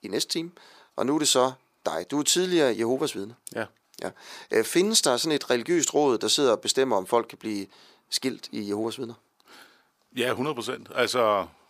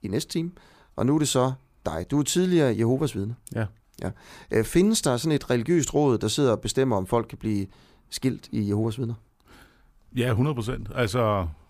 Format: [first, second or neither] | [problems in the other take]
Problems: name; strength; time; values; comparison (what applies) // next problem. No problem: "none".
second | thin; somewhat; fading below 350 Hz